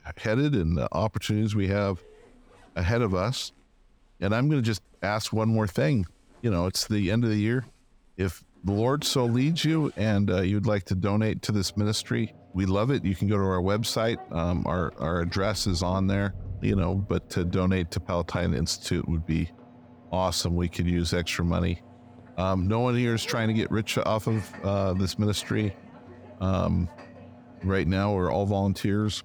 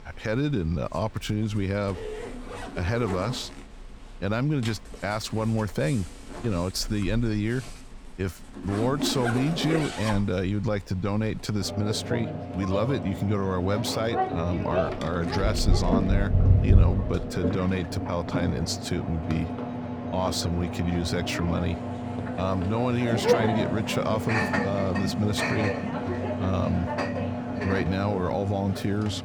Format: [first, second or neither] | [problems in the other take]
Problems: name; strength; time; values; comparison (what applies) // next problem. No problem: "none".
first | household noises; loud; throughout; 1 dB below the speech; faint in the first